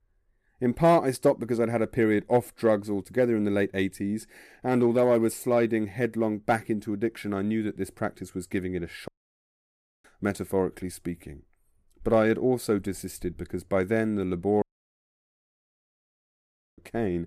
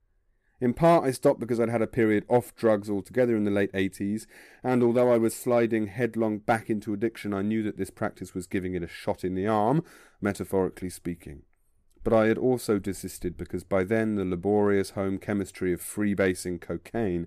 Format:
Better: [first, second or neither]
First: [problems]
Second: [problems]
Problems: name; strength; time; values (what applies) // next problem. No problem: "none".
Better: second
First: audio cutting out; at 9 s for 1 s and at 15 s for 2 s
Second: none